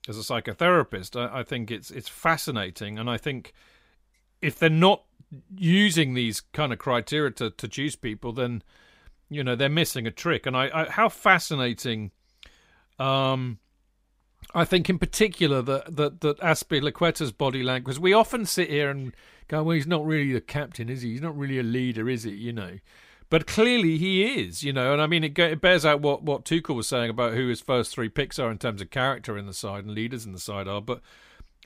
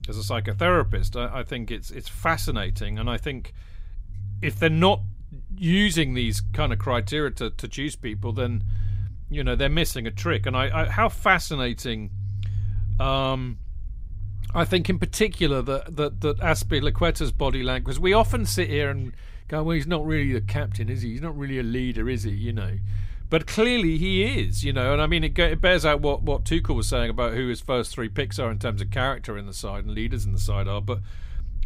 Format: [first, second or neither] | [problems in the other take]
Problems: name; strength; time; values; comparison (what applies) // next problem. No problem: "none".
first | low rumble; faint; throughout; 20 dB below the speech